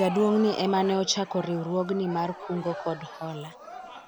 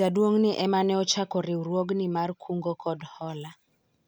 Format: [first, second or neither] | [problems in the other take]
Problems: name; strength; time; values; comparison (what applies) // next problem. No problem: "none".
second | background sound (Crowd); 13 dB below the speech